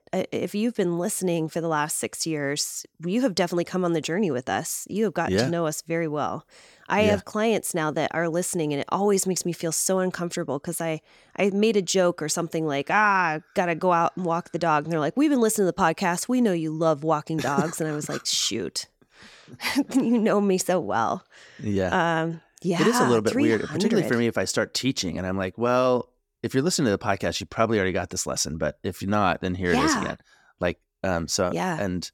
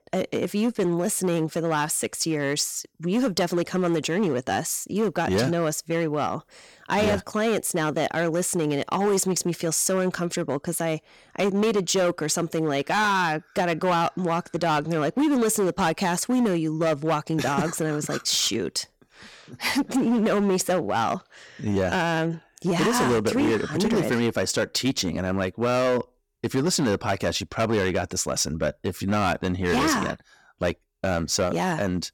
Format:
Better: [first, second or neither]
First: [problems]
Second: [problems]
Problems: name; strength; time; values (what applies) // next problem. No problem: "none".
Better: first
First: none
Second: distortion; slight; 11% of the sound clipped